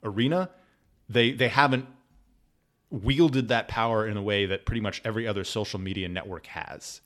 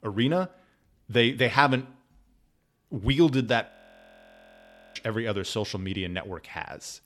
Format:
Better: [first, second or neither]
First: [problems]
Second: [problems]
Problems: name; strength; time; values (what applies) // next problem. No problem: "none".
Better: first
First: none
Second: audio freezing; at 3.5 s for 1.5 s